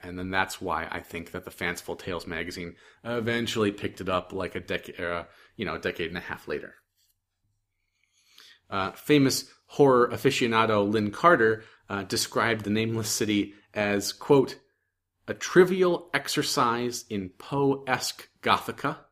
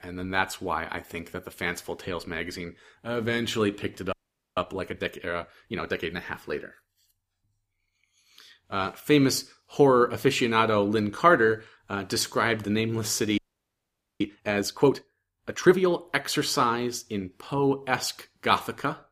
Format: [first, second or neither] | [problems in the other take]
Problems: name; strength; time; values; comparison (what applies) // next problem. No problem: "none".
first | audio freezing; at 4 s and at 13 s for 1 s